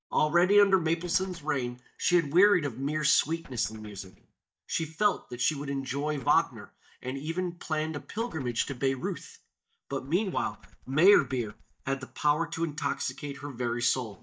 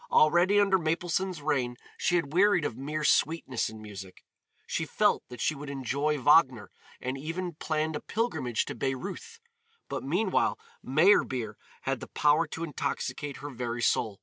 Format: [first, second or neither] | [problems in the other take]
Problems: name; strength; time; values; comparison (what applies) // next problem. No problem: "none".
second | noise reduction (neural mask model DeepFilterNet 3)